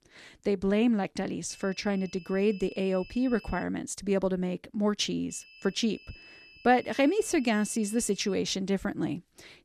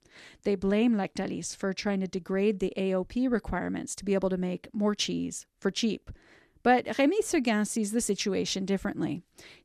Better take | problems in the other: second | high-pitched whine; faint; from 1.5 to 3.5 s and from 5.5 to 8.5 s; 2.5 kHz, 20 dB below the speech

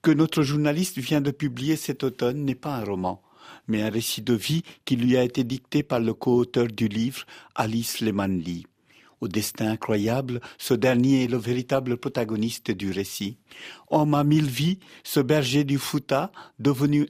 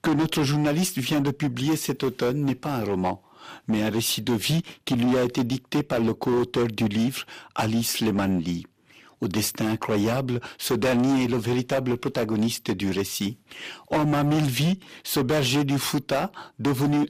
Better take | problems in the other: first | distortion; heavy; 15% of the sound clipped

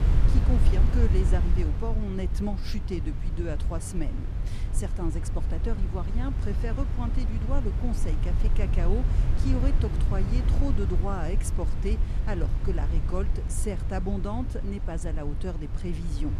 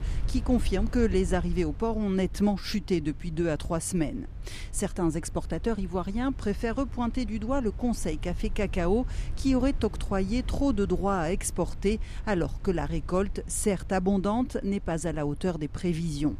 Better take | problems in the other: second | wind noise on the microphone; heavy; 5 dB below the speech; occasional gusts in the second

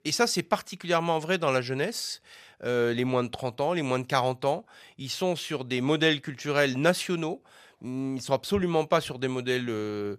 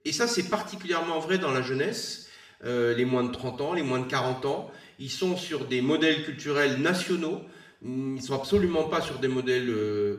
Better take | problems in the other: first | room echo; slight; dies away in 0.7 s // off-mic speech; far

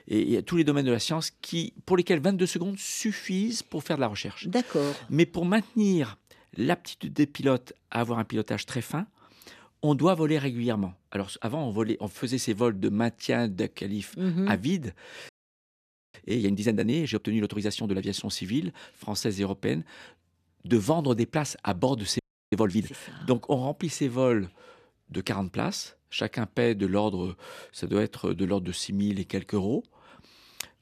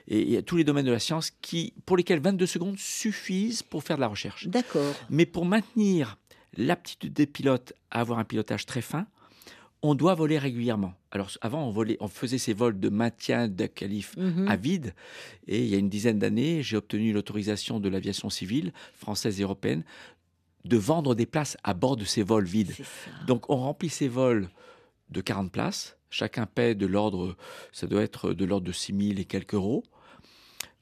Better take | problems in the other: second | audio freezing; at 15 s for 1 s and at 22 s

